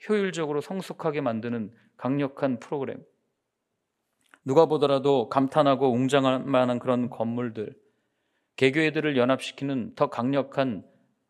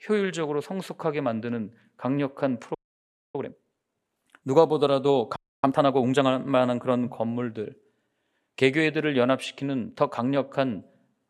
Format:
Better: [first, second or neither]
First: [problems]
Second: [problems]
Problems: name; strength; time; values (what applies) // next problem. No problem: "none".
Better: first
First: none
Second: audio freezing; at 3 s for 0.5 s and at 5.5 s